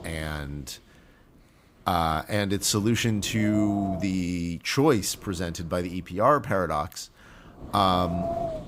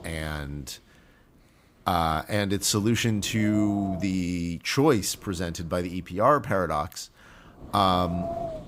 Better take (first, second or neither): second